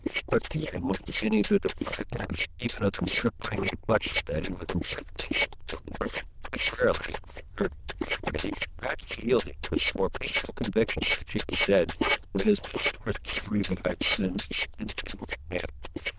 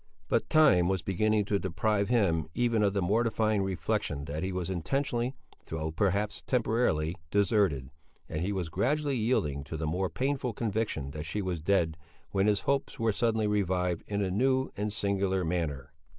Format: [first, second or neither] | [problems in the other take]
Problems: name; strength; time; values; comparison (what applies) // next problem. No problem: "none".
second | noise reduction (neural diffusion model UNIVERSE++)